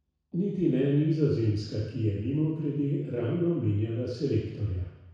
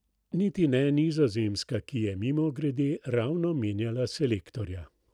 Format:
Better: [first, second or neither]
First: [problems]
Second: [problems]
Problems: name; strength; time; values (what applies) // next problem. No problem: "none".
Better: second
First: room echo; dies away in 1.1 s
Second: none